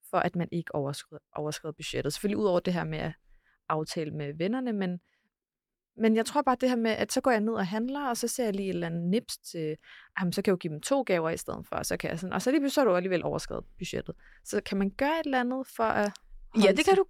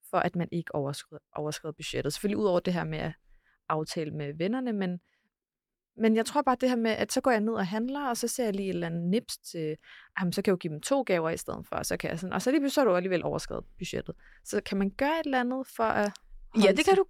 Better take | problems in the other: neither | none

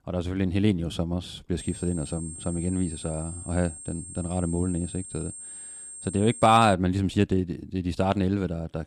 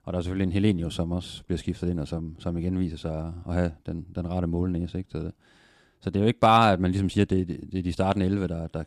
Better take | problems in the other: second | high-pitched whine; noticeable; from 1.5 to 6.5 s; 8.5 kHz, 10 dB below the speech

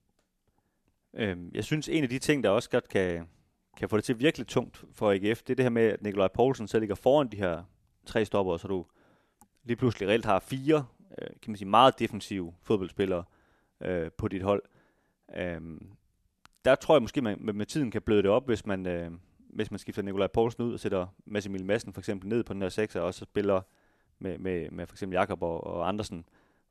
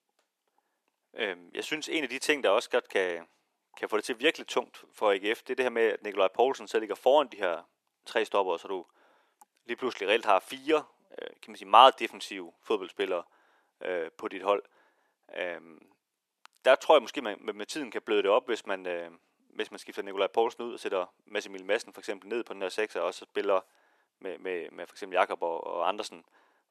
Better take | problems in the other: first | thin; somewhat; fading below 400 Hz

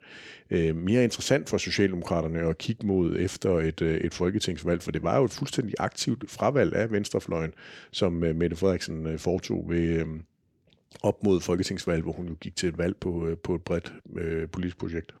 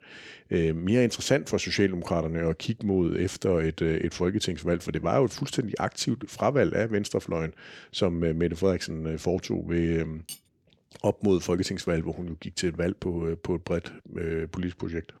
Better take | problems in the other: first | clattering dishes; faint; at 10 s; peak 15 dB below the speech

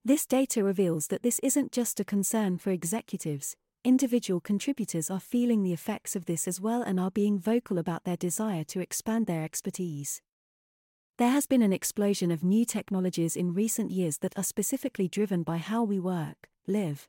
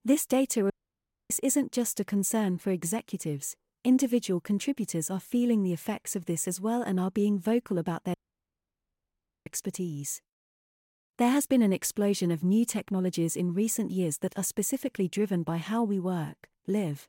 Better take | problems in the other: first | audio cutting out; at 0.5 s for 0.5 s and at 8 s for 1.5 s

